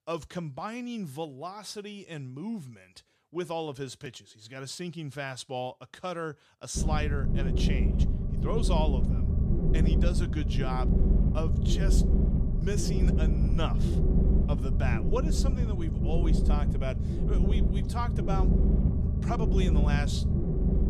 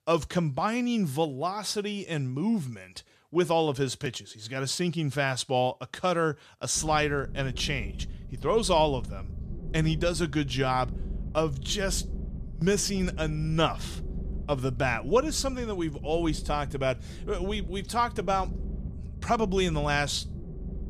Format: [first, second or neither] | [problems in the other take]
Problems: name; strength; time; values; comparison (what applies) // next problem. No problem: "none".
second | low rumble; loud; from 7 s on; 2 dB below the speech; faint in the second